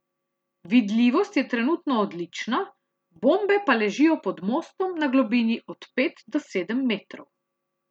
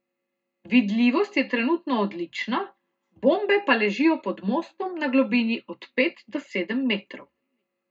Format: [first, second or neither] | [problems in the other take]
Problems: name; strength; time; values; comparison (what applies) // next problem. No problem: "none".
first | room echo; dies away in 0.2 s